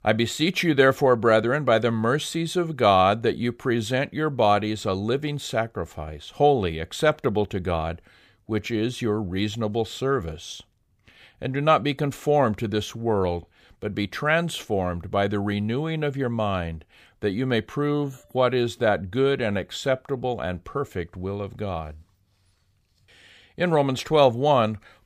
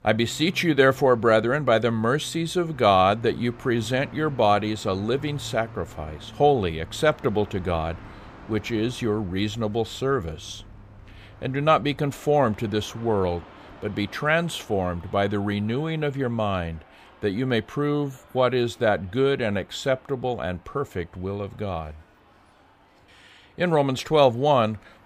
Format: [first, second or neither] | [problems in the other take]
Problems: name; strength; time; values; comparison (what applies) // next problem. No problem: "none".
first | train or aircraft noise; faint; throughout; 20 dB below the speech